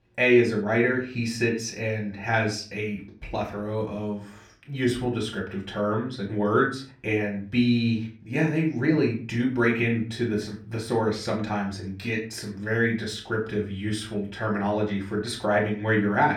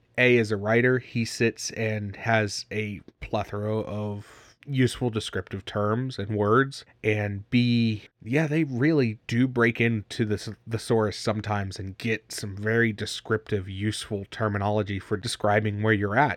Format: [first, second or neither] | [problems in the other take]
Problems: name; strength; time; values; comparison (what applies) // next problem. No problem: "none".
second | off-mic speech; far // room echo; slight; dies away in 0.3 s